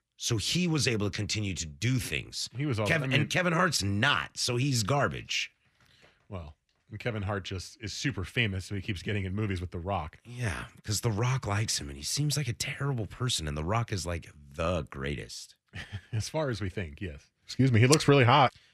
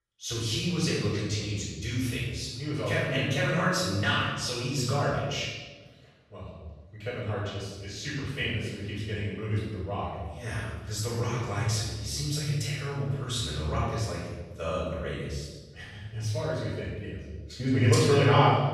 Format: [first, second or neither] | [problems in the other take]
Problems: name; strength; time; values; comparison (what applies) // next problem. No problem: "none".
first | off-mic speech; far // room echo; strong; dies away in 1.1 s